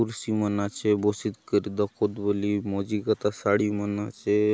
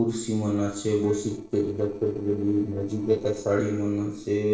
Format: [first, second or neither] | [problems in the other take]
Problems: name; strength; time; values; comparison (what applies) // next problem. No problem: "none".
first | noise reduction (neural separator model SepFormer DNS4)